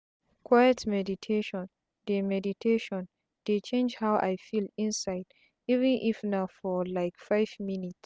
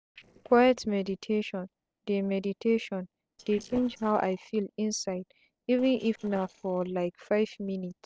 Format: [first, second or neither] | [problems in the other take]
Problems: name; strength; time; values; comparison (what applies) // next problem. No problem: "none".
first | noise reduction (neural separator model SepFormer DNS4)